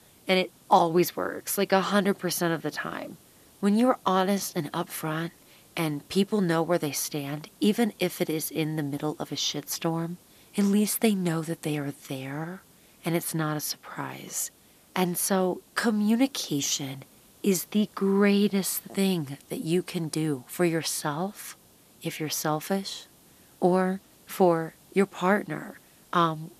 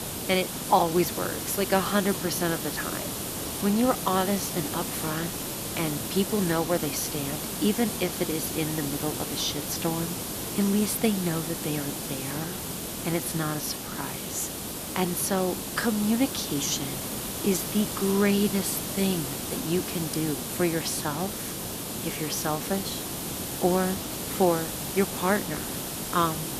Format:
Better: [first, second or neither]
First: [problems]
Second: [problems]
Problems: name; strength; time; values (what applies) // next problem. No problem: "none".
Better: first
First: hiss; faint; throughout; 30 dB below the speech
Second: hiss; loud; throughout; 3 dB below the speech